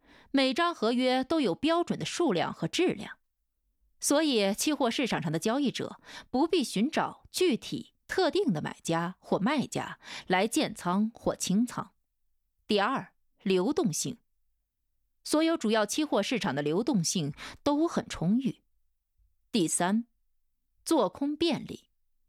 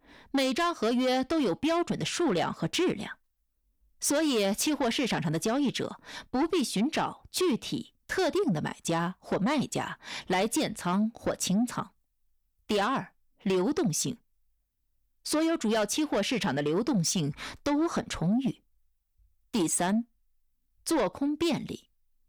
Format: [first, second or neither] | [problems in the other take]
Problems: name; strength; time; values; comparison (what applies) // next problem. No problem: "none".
first | distortion; slight; 10 dB below the speech